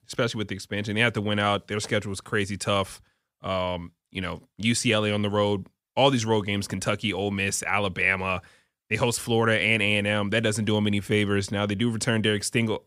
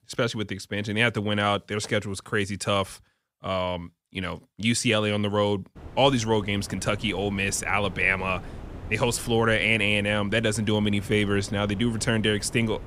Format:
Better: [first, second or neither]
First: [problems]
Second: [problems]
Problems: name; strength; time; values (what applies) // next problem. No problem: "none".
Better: first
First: none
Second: wind noise on the microphone; occasional gusts; from 6 s on; 20 dB below the speech